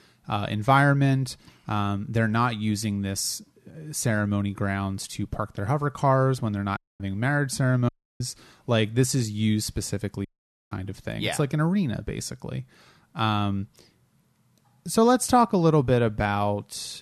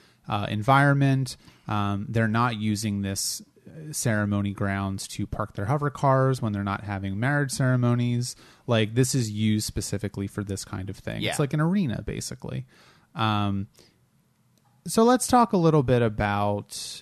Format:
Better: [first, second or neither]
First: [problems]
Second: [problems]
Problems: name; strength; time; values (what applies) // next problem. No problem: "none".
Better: second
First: audio cutting out; at 7 s, at 8 s and at 10 s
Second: none